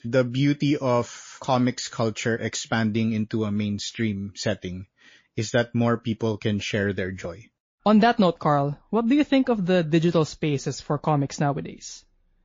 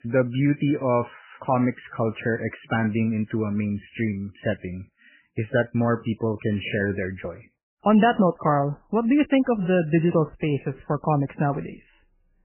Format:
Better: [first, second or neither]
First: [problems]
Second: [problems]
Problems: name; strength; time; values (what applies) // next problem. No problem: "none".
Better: first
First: garbled, watery; slightly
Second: garbled, watery; badly; nothing above 3 kHz